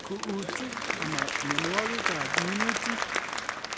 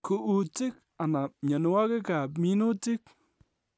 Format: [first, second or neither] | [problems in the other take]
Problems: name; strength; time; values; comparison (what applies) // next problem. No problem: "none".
second | background sound (Applause / Crowd); 5 dB above the speech